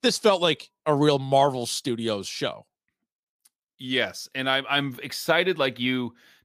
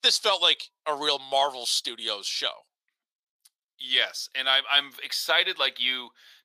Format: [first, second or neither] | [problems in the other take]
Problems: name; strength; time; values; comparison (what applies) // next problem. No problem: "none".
first | thin; very; fading below 800 Hz